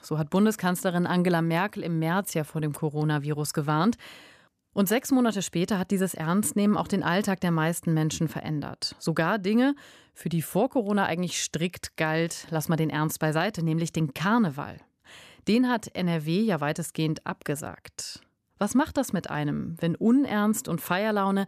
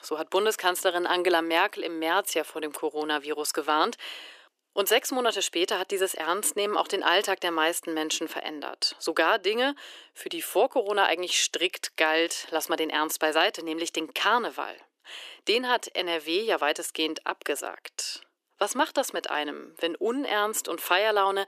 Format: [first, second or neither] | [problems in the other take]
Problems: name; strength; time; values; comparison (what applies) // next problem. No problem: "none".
first | thin; very; fading below 350 Hz